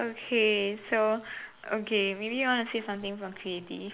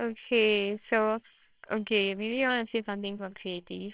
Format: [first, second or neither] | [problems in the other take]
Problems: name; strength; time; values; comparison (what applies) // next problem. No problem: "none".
first | noise reduction (neural separator model SepFormer WHAMR!)